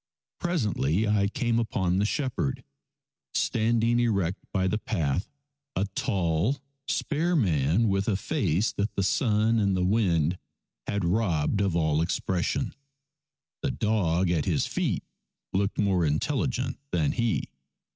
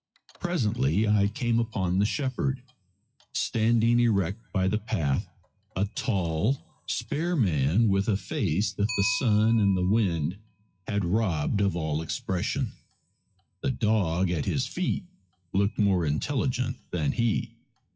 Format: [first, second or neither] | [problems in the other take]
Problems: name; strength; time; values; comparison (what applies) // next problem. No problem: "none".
first | noise reduction (classical method WPE with log-MMSE)